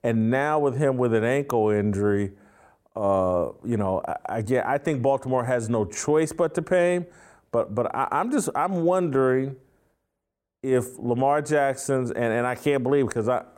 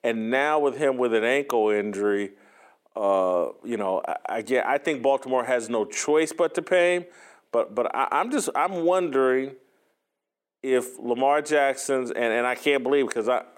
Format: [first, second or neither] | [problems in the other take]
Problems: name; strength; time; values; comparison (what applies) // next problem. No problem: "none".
first | thin; very slightly; fading below 250 Hz